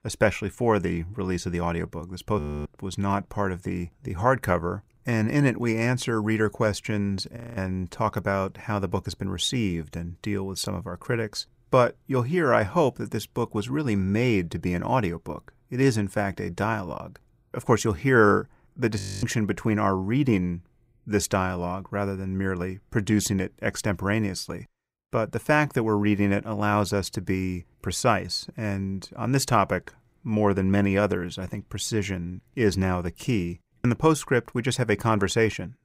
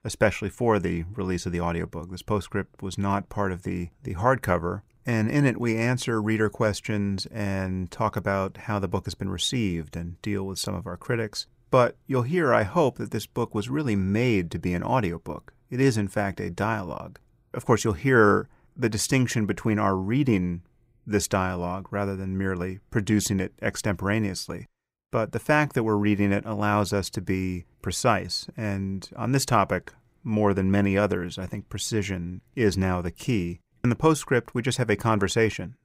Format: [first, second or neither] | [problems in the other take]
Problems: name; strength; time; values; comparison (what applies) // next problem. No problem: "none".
second | audio freezing; at 2.5 s, at 7.5 s and at 19 s